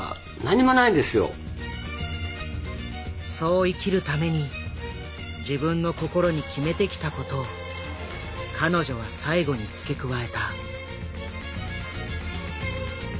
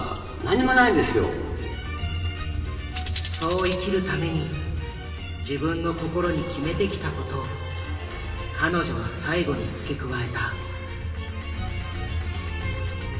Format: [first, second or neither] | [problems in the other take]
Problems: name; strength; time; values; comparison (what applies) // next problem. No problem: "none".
first | background sound (Tambourine); 14 dB below the speech // room echo; dies away in 2 s